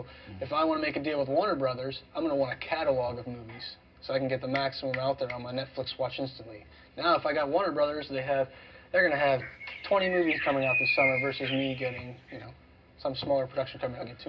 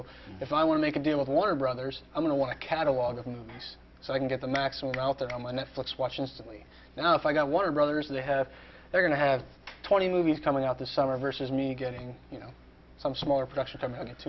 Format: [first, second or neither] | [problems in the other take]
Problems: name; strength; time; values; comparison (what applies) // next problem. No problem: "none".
second | background sound (Bird); 3 dB below the speech // room echo; dies away in 0.2 s